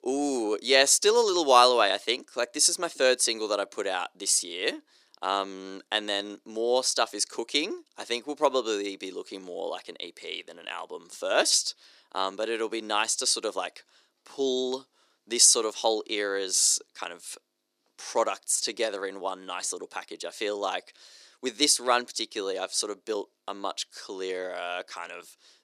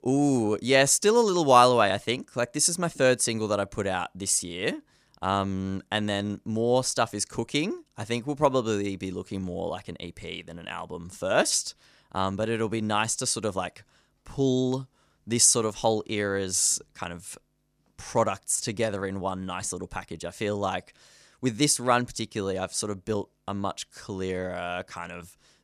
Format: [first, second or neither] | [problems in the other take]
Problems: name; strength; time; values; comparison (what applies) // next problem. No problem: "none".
second | thin; somewhat; fading below 350 Hz